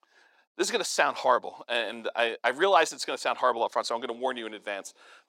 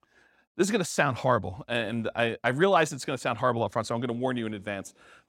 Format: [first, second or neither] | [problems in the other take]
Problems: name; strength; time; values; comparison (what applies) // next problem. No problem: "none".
second | thin; very; fading below 350 Hz